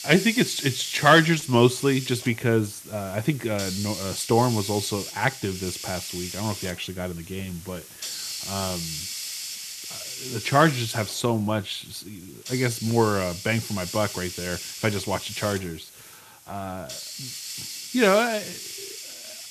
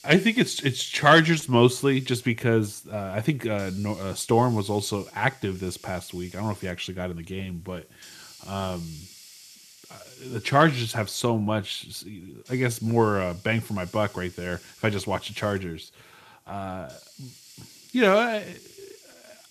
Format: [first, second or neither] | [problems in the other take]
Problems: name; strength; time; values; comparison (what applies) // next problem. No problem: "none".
second | hiss; loud; throughout; 9 dB below the speech; faint in the second